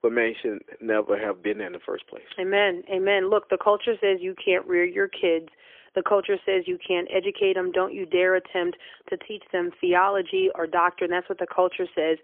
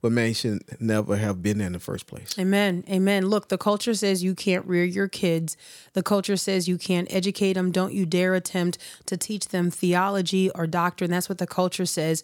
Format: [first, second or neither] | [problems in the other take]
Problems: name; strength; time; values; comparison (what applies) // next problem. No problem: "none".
second | phone-call audio; poor line; nothing above 3.5 kHz